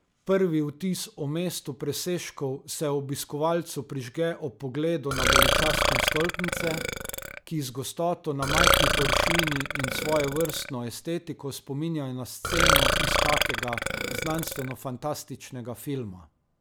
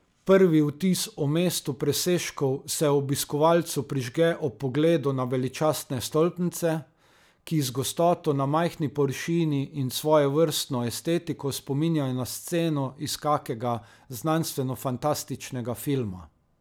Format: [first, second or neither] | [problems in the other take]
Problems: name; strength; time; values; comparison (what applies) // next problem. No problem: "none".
second | background sound (Burping, eructation); 5 dB above the speech